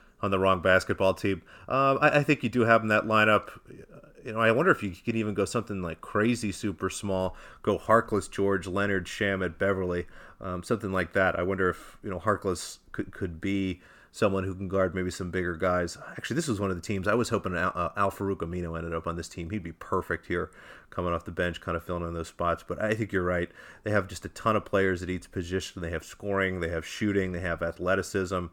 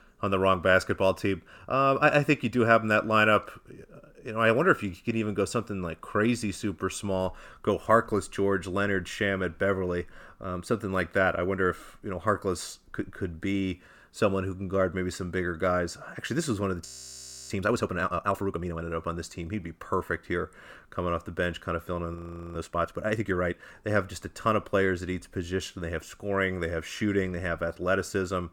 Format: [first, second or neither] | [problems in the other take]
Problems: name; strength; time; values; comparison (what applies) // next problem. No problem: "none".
first | audio freezing; at 17 s for 0.5 s and at 22 s